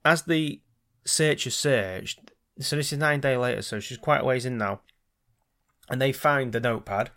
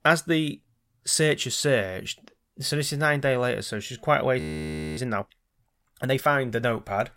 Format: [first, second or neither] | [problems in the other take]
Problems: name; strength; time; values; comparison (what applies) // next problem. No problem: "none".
first | audio freezing; at 4.5 s for 0.5 s